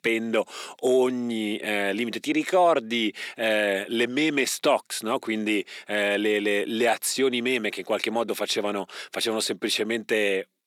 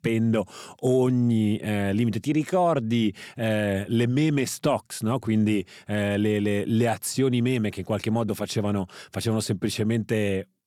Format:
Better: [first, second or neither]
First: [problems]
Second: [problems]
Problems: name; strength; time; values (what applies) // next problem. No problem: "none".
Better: second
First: thin; somewhat; fading below 300 Hz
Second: none